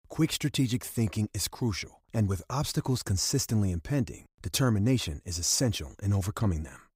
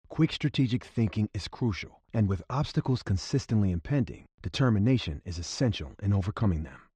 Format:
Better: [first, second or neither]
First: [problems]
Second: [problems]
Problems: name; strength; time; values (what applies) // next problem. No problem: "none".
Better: first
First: none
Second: muffled; slightly; fading above 4 kHz